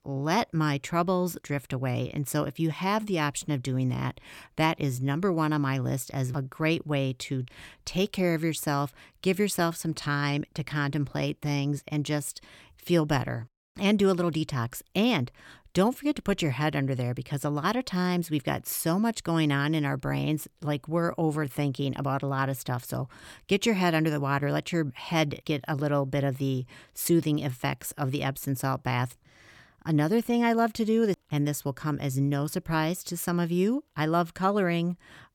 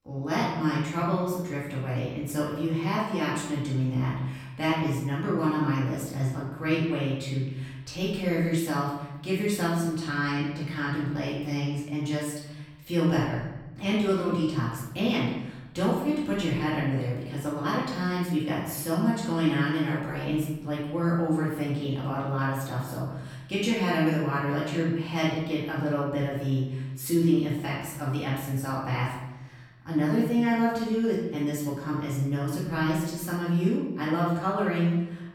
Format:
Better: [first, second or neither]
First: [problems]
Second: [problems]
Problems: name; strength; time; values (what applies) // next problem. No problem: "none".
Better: first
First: none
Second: off-mic speech; far // room echo; noticeable; dies away in 0.9 s